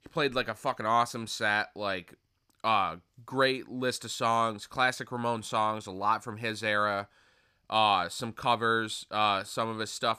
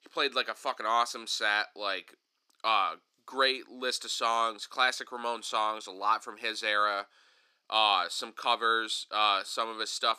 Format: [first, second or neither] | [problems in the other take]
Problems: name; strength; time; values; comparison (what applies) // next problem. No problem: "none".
first | thin; somewhat; fading below 300 Hz